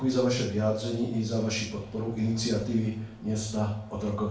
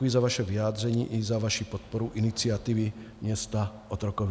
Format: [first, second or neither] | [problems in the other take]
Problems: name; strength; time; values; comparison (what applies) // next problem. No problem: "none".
second | room echo; dies away in 0.4 s